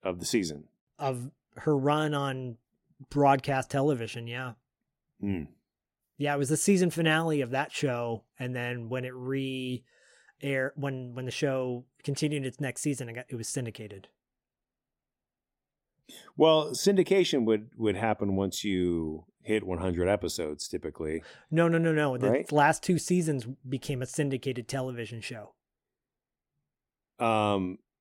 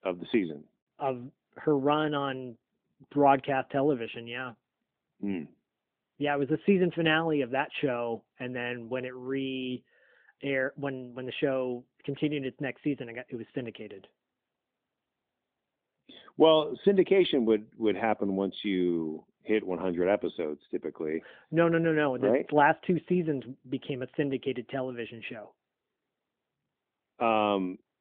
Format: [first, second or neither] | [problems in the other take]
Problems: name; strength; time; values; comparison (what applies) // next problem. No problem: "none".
first | phone-call audio; nothing above 3.5 kHz